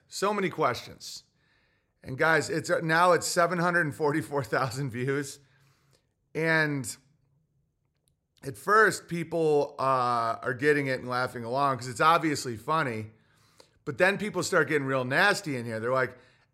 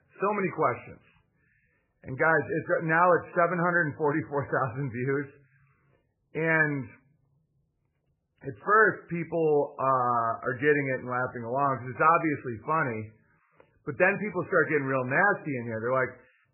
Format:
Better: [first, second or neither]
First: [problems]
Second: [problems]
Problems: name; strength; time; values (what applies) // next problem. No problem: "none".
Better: first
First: none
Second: garbled, watery; badly; nothing above 2.5 kHz